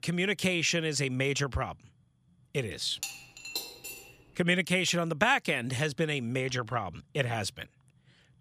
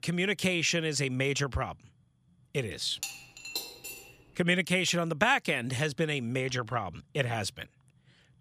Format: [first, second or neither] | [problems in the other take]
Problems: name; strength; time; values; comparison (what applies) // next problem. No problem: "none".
neither | clattering dishes; noticeable; at 3 s; peak 7 dB below the speech; the same in both